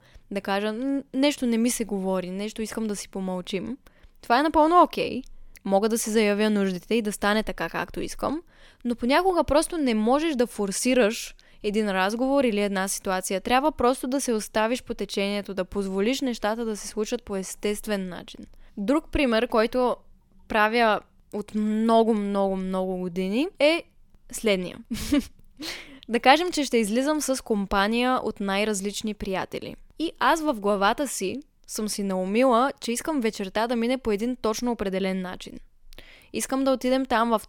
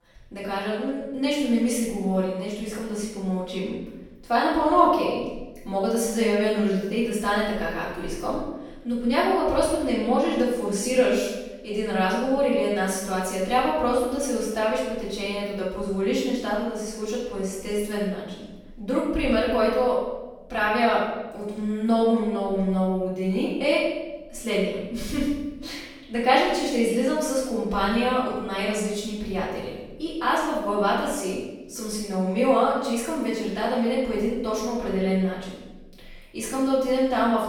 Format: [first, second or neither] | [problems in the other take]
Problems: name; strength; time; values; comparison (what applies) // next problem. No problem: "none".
first | off-mic speech; far // room echo; strong; dies away in 0.9 s